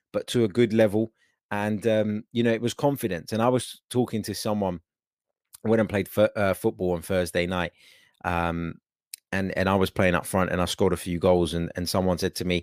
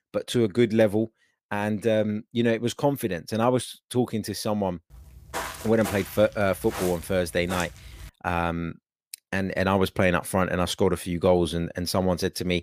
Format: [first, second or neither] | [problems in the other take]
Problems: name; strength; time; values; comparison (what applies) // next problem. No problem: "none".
first | footsteps; noticeable; from 5 to 8 s; peak 8 dB below the speech